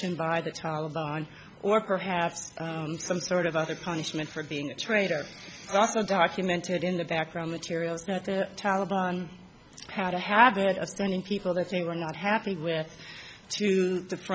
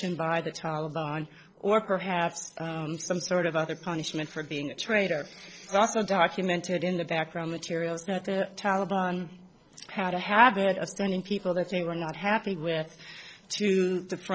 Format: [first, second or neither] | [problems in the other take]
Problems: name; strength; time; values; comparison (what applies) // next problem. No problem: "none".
first | noise reduction (neural separator model SepFormer DNS4)